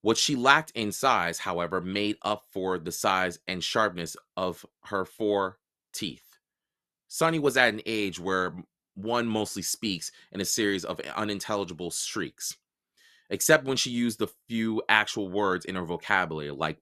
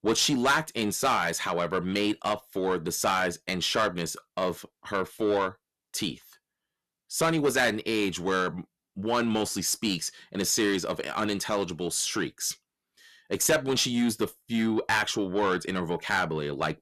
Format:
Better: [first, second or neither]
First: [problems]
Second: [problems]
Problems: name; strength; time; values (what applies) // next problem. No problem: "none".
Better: first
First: none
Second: distortion; heavy; 8 dB below the speech